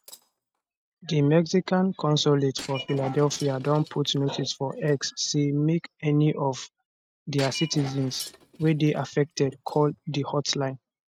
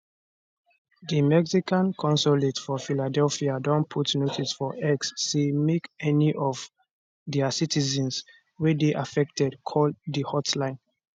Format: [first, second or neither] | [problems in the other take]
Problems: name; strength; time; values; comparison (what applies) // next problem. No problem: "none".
second | noise reduction (neural mask model RNNoise)